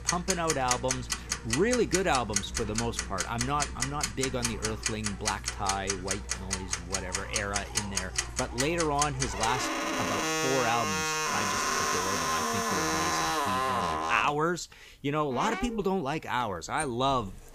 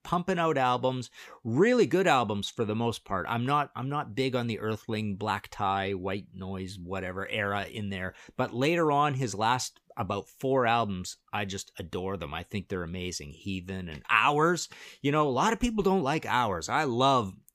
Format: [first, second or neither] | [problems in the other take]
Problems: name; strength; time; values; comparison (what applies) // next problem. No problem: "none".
second | household noises; very loud; throughout; 1 dB above the speech